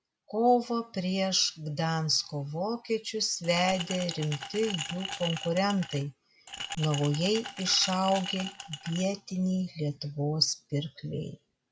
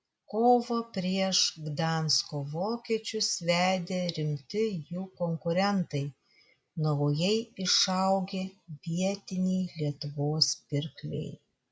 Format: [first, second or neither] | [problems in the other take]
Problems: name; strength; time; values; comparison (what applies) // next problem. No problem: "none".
second | background sound (Glass); 9 dB below the speech